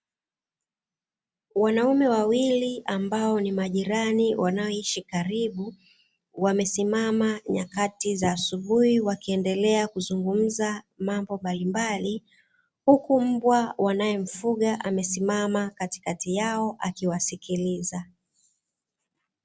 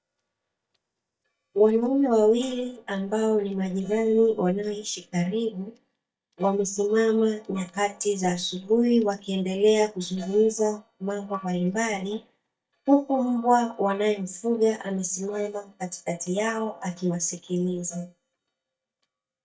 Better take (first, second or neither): first